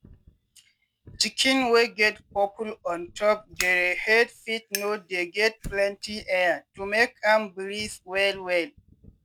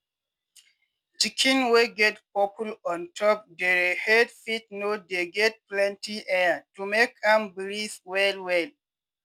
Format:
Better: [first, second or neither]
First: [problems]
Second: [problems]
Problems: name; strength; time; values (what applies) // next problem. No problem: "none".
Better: second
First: background sound (Fire); 18 dB below the speech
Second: none